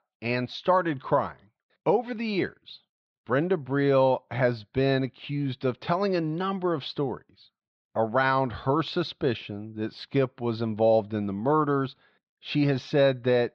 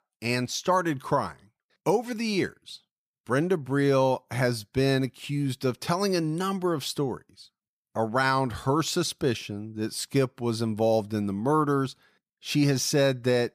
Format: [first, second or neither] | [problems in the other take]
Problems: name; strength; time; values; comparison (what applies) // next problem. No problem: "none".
second | muffled; slightly; fading above 4 kHz